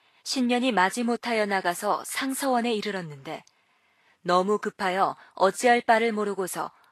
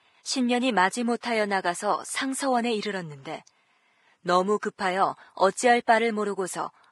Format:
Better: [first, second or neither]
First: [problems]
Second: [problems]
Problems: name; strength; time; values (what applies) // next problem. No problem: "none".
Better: first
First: garbled, watery; slightly; nothing above 12.5 kHz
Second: garbled, watery; badly; nothing above 10.5 kHz